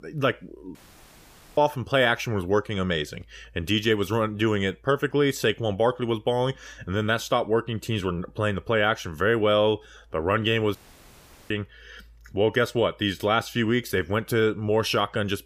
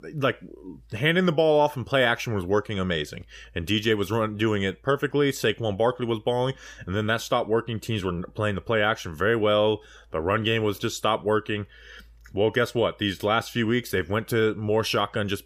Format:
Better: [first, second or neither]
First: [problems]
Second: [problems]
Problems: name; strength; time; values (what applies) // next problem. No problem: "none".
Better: second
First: audio cutting out; at 1 s for 1 s and at 11 s for 1 s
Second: none